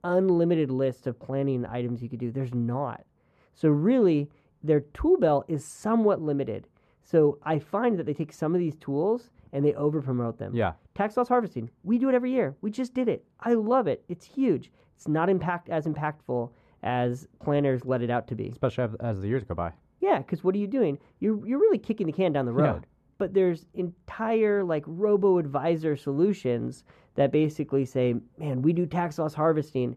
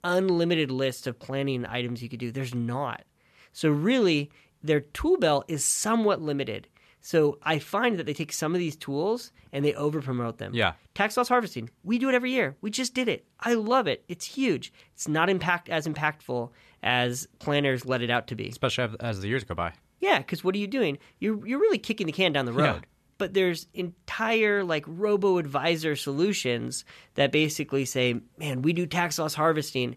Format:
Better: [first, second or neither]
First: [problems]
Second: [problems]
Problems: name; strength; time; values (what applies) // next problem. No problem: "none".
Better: second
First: muffled; very; fading above 1.5 kHz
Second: none